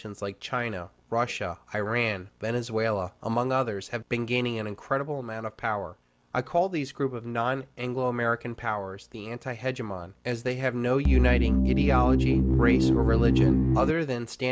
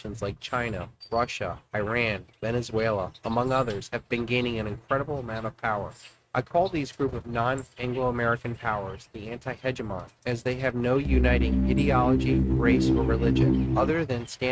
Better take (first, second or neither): first